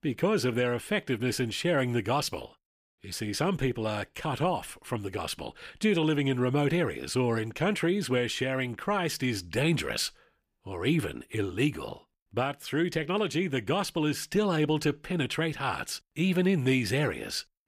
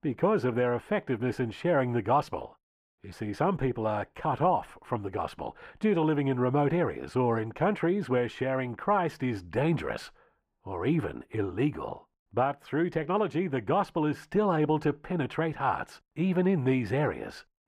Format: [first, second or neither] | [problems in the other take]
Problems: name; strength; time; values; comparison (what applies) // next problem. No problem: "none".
first | muffled; very; fading above 2.5 kHz